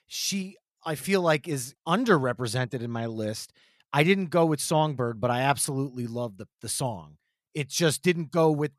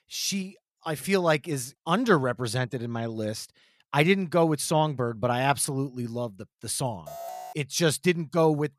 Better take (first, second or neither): first